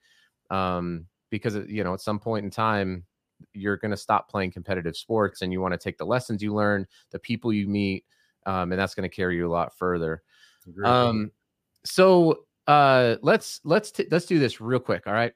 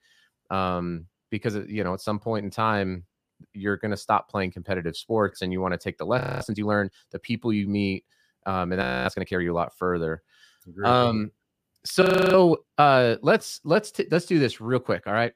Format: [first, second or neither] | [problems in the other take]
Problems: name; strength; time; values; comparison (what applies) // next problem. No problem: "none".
first | audio freezing; at 6 s, at 9 s and at 12 s